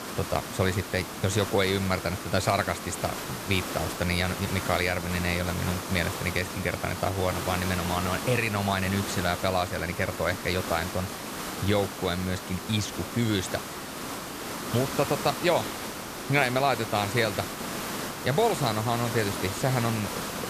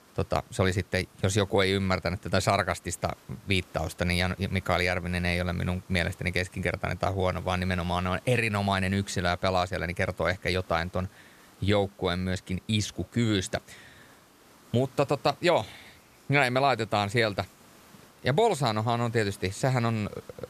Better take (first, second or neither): second